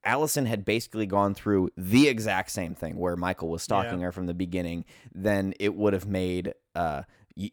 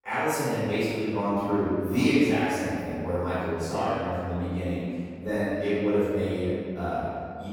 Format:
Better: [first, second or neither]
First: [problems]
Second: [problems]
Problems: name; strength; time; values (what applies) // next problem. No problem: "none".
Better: first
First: none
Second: off-mic speech; far // room echo; strong; dies away in 2.2 s